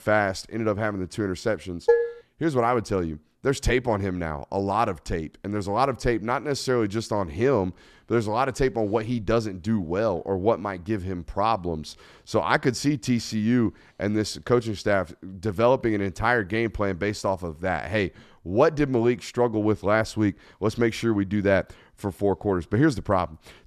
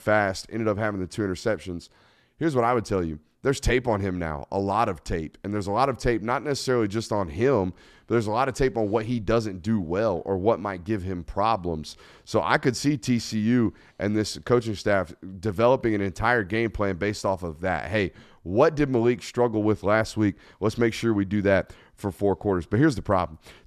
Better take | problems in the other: second | clattering dishes; loud; at 2 s; peak 3 dB above the speech

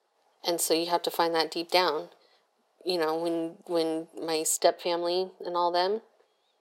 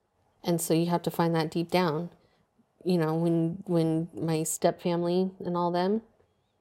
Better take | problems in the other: second | thin; very; fading below 400 Hz

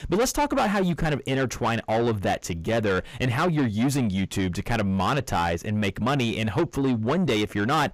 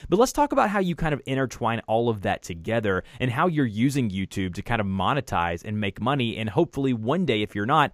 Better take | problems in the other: second | distortion; heavy; 8 dB below the speech

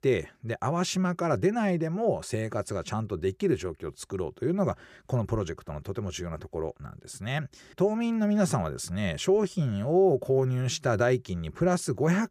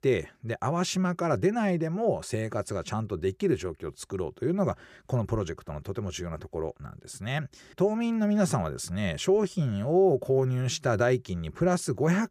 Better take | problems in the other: neither | none

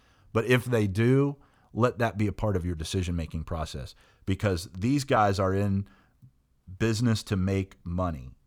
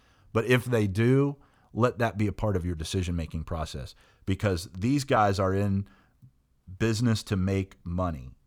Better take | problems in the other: neither | none

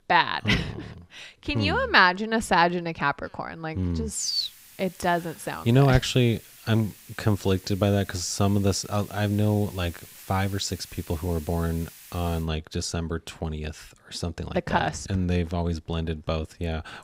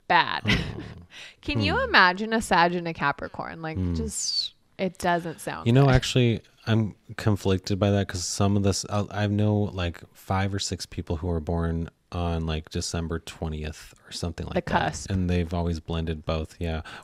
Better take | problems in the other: second | hiss; faint; from 4 to 12 s; 20 dB below the speech

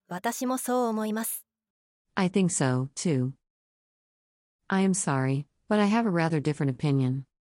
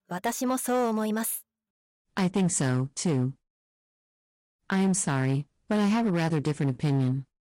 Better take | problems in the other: first | distortion; slight; 7% of the sound clipped

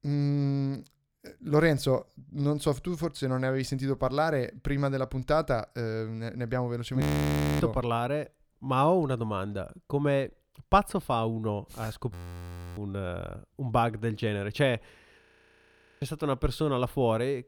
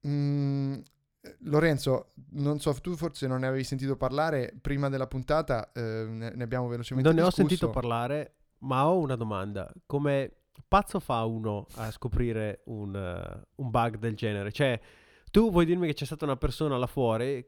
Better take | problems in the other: second | audio freezing; at 7 s for 0.5 s, at 12 s for 0.5 s and at 15 s for 1 s

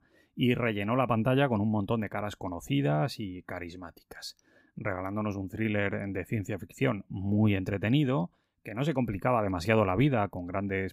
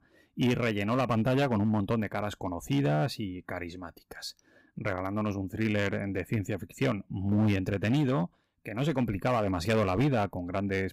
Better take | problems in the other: first | distortion; slight; 6% of the sound clipped

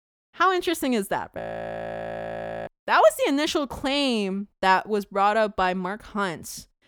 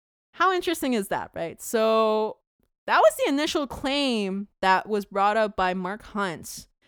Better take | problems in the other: second | audio freezing; at 1.5 s for 1.5 s

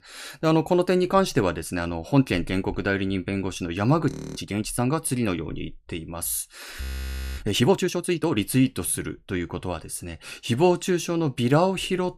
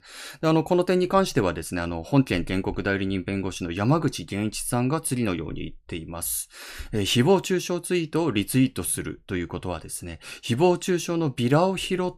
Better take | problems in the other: second | audio freezing; at 4 s and at 7 s for 0.5 s

